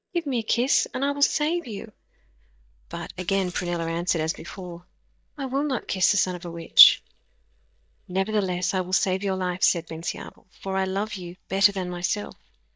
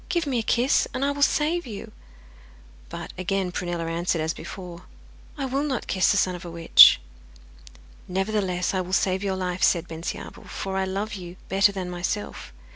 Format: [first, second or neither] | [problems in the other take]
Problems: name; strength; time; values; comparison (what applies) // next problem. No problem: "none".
second | noise reduction (neural mask model DeepFilterNet 3)